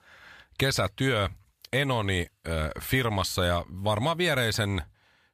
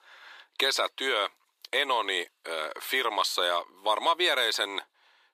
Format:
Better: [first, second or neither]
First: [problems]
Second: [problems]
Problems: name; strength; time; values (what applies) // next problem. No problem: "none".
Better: first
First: none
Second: thin; very; fading below 350 Hz